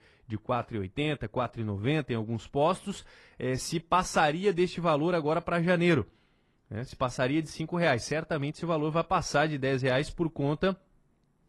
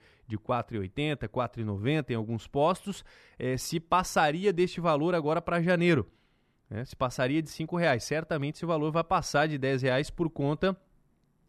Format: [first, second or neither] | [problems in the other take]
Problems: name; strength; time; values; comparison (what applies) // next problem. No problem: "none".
second | garbled, watery; slightly; nothing above 11.5 kHz